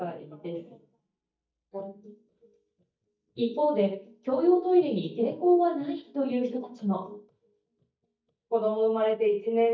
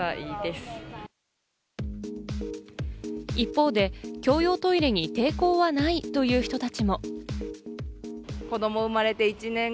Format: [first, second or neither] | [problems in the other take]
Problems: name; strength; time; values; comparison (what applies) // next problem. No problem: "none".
second | noise reduction (neural mask model DeepFilterNet 3)